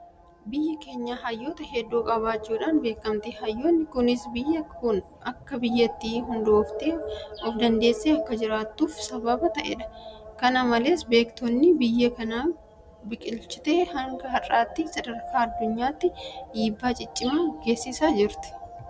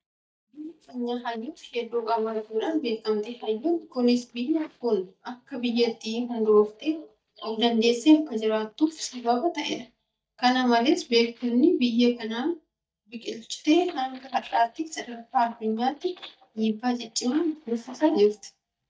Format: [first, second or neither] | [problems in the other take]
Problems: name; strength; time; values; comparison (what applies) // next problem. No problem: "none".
first | noise reduction (neural mask model DeepFilterNet 3)